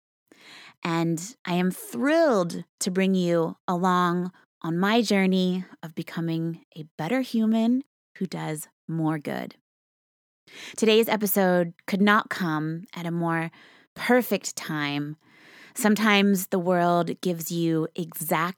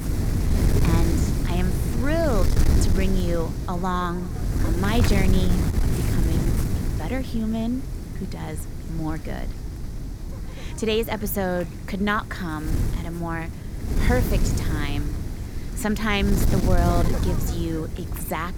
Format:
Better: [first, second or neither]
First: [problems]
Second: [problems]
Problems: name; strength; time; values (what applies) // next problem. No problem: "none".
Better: first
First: none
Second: wind noise on the microphone; heavy; 6 dB below the speech